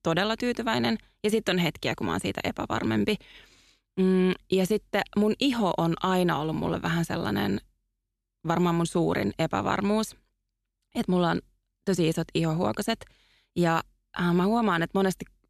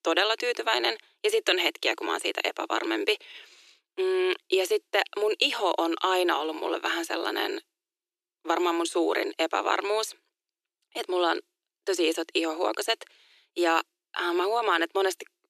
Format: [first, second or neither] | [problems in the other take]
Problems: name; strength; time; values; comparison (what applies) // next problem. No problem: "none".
first | thin; very; fading below 350 Hz